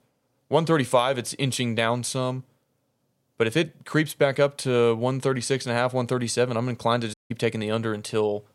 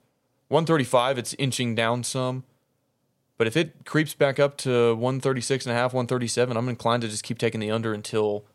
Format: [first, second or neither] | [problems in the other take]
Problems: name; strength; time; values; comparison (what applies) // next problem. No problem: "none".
second | audio cutting out; at 7 s